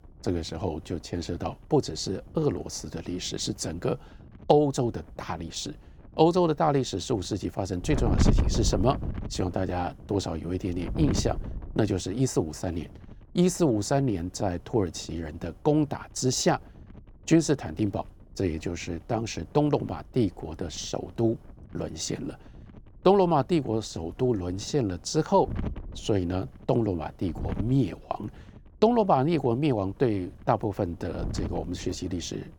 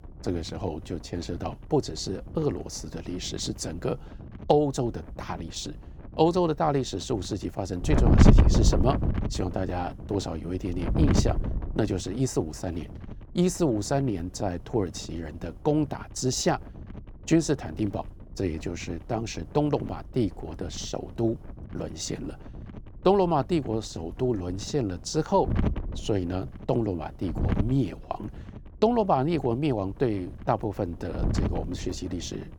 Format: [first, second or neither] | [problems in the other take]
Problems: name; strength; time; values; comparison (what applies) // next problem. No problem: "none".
first | wind noise on the microphone; heavy; 7 dB below the speech; occasional gusts in the first